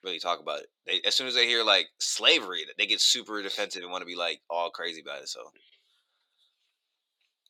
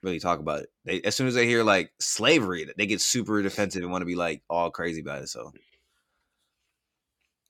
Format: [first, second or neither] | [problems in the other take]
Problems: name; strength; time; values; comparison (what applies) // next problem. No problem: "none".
second | thin; somewhat; fading below 550 Hz